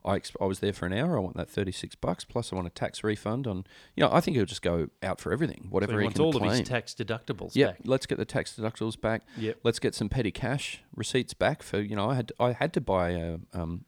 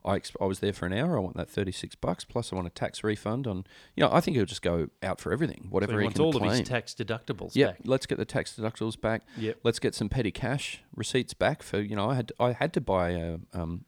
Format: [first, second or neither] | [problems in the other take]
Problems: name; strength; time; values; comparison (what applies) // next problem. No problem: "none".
neither | none